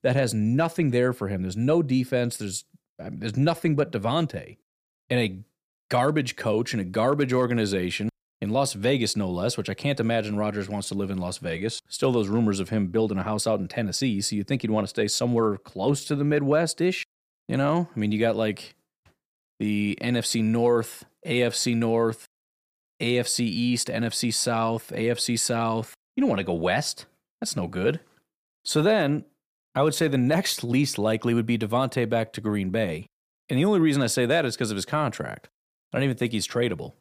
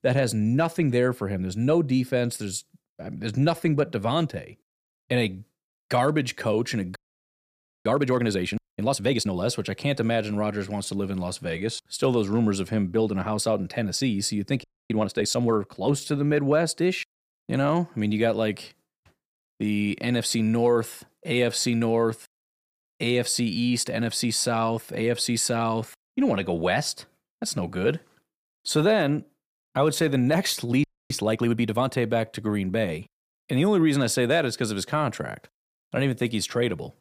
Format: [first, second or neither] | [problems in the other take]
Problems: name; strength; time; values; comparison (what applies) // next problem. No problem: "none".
first | audio freezing; at 7 s for 1 s, at 15 s and at 31 s